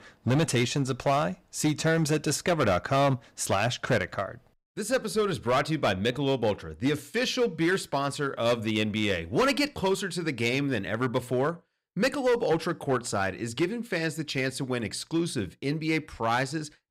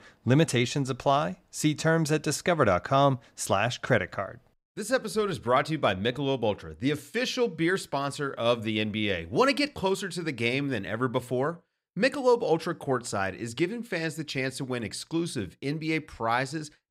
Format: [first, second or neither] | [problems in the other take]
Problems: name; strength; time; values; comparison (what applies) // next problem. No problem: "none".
second | distortion; slight; 6% of the sound clipped